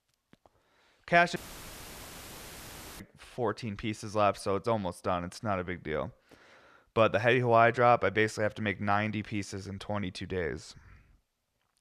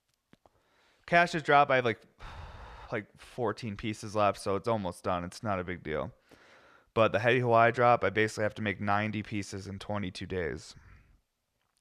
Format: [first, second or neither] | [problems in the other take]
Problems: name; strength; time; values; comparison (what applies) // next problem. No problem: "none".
second | audio cutting out; filled with static; at 1.5 s for 1.5 s